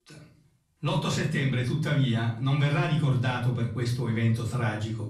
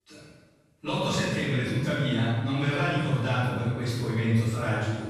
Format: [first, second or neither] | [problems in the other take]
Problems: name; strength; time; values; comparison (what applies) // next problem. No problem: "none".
first | room echo; strong; dies away in 1.1 s; slight in the first // off-mic speech; far; far in the first